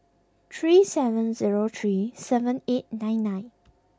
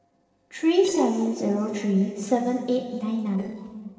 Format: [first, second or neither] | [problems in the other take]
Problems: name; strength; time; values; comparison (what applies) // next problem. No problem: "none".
first | noise reduction (neural separator model SepFormer DNS4)